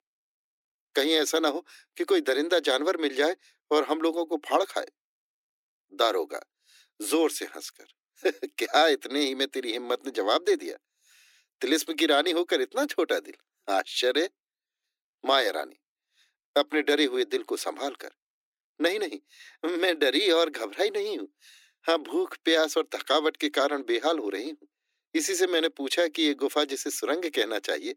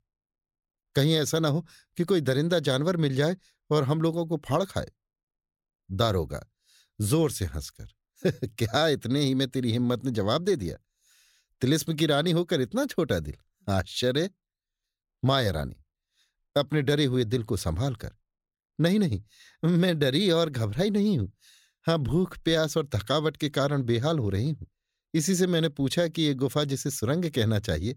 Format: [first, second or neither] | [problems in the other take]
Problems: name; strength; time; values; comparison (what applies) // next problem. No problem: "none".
second | thin; somewhat; fading below 300 Hz